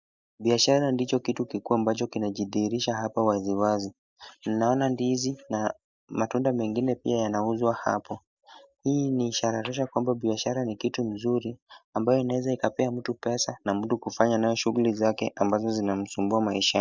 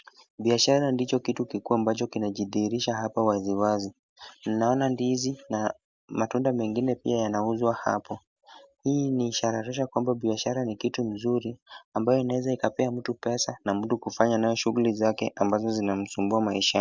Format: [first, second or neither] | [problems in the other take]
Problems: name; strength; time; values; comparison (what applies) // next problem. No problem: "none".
second | noise reduction (neural mask model DeepFilterNet 3)